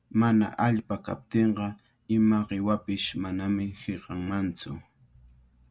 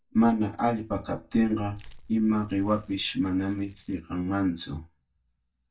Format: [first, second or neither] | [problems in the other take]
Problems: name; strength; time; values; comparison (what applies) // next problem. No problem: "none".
first | noise reduction (neural mask model DeepFilterNet 3)